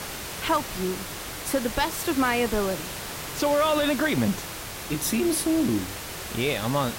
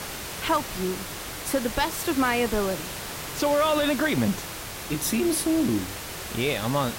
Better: neither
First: hiss; loud; throughout; 8 dB below the speech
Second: hiss; loud; throughout; 8 dB below the speech

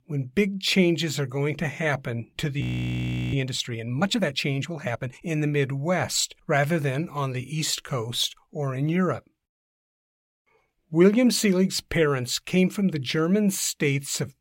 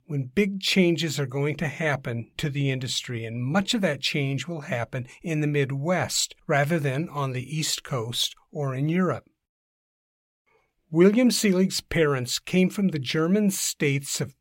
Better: second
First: audio freezing; at 2.5 s for 0.5 s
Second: none

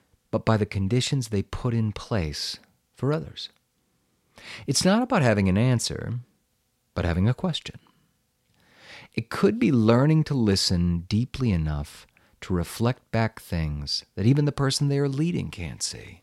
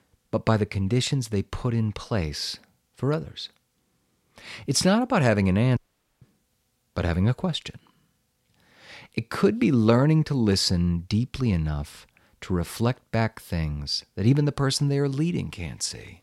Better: first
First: none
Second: audio cutting out; at 6 s

